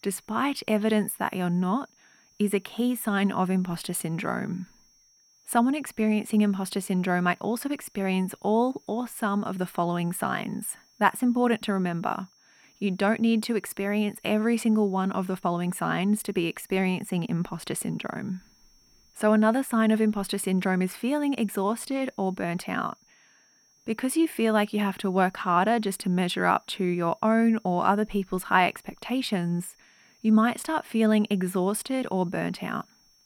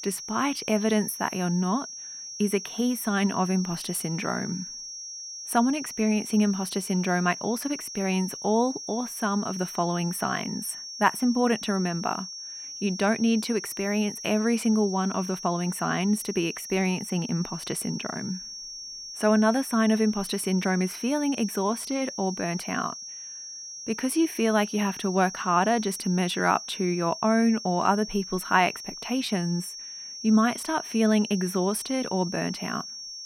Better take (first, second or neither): first